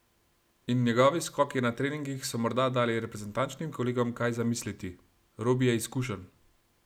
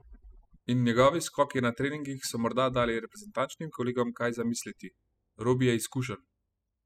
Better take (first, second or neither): first